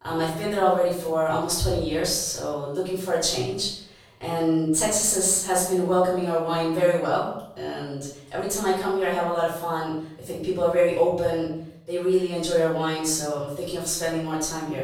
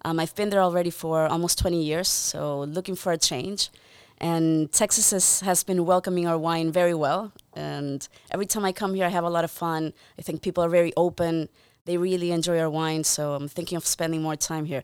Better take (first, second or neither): second